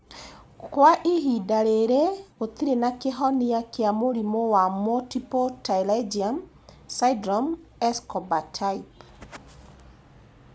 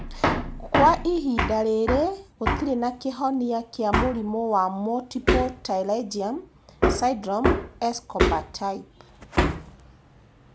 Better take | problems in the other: first | background sound (Hammer); 2 dB below the speech

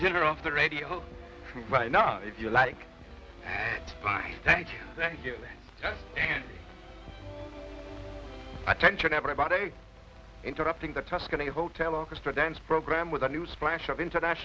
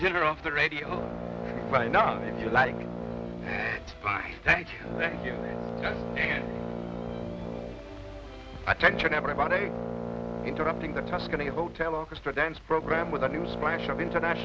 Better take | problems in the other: first | background sound (Brass instrument); 6 dB below the speech

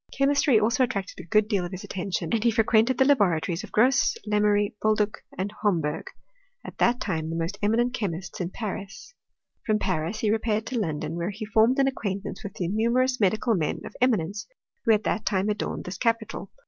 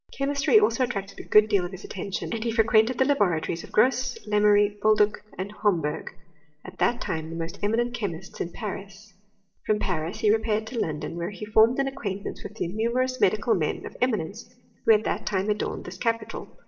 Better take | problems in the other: first | room echo; dies away in 0.7 s

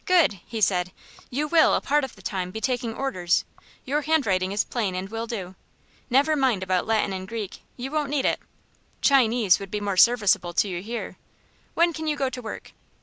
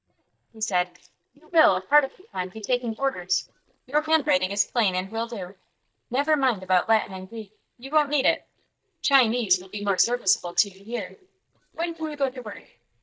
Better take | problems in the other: first | noise reduction (neural mask model DeepFilterNet 3)

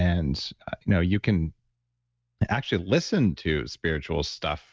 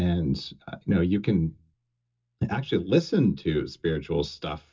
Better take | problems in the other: first | room echo; dies away in 0.2 s

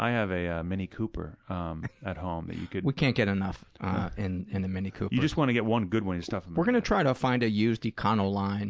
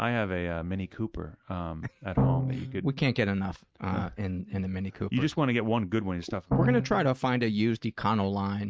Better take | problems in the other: first | noise reduction (neural mask model RNNoise)

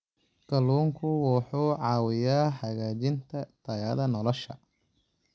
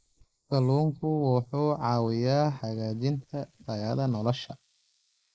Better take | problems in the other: first | noise reduction (neural mask model Resemble Enhance denoiser)

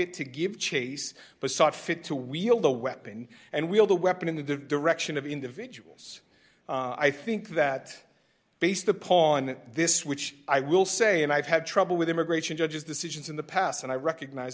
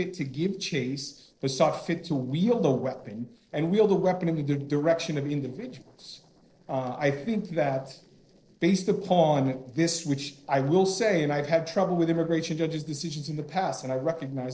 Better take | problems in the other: first | noise reduction (neural separator model SepFormer DNS4)

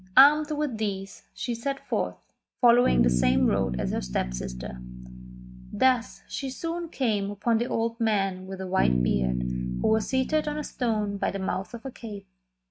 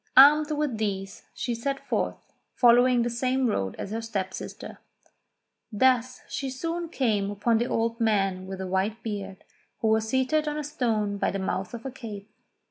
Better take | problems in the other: second | noise reduction (neural mask model RNNoise)

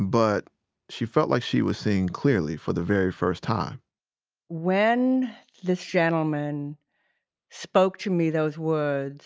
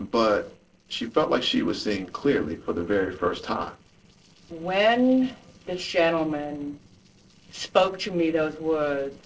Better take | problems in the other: first | noise reduction (neural separator model SepFormer DNS4)

